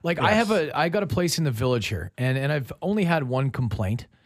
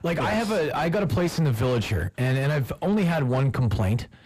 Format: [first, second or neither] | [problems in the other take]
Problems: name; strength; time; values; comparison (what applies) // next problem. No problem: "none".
first | distortion; heavy; 6 dB below the speech